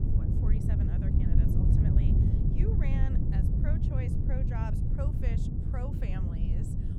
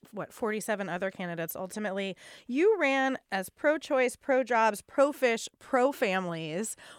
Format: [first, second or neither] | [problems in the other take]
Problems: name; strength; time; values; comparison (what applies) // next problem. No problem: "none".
second | wind noise on the microphone; heavy; 5 dB above the speech